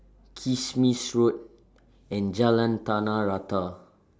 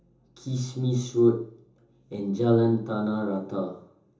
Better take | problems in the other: first | room echo; dies away in 0.7 s

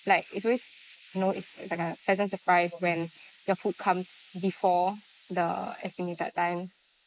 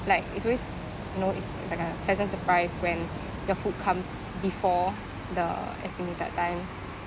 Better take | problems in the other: second | noise reduction (neural mask model Resemble Enhance denoiser)

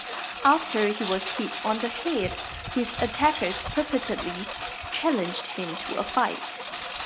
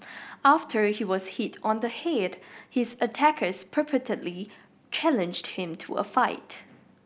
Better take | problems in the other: second | background sound (Engine); 6 dB below the speech

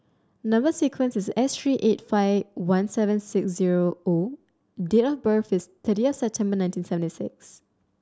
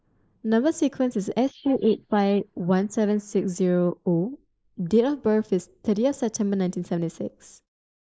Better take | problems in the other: first | noise reduction (neural mask model Resemble Enhance denoiser)

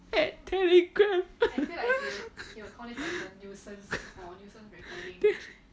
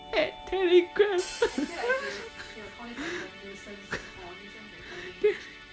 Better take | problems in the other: first | background sound (Hi-hat + Musical instrument); 15 dB below the speech

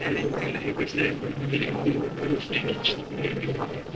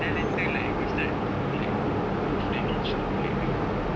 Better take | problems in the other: second | noise reduction (neural separator model SepFormer DNS4)

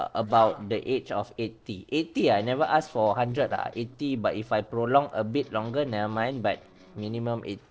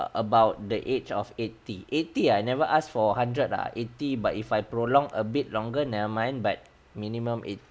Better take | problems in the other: second | noise reduction (neural separator model SepFormer DNS4)

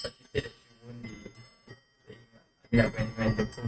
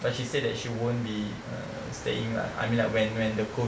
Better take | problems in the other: second | noise reduction (neural mask model RNNoise)

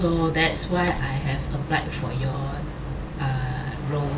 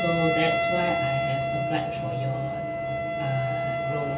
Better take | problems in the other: first | background sound (Wind instrument, woodwind instrument); 2 dB above the speech // room echo; dies away in 0.3 s

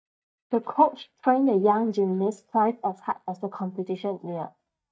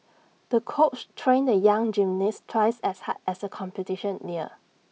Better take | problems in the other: second | noise reduction (neural mask model DeepFilterNet 3)

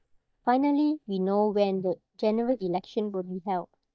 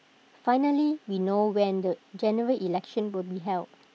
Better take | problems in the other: second | noise reduction (neural mask model DeepFilterNet 3)

